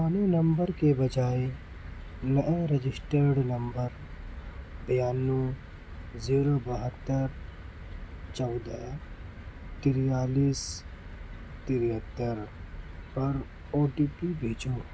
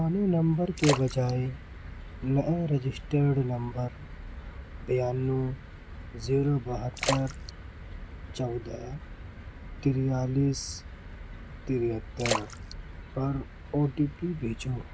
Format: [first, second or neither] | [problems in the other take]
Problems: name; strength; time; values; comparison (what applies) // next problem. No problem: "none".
first | background sound (Splash, splatter); 8 dB below the speech